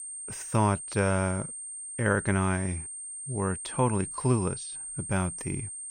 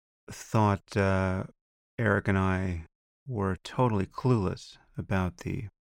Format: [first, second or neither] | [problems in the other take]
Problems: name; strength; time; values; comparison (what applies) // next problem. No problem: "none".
second | high-pitched whine; loud; throughout; 8.5 kHz, 7 dB below the speech